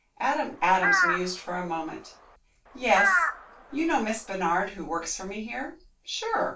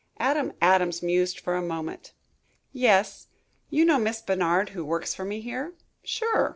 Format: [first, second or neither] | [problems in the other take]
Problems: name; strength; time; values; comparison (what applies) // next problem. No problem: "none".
second | background sound (Crow); as loud as the speech // room echo; dies away in 0.2 s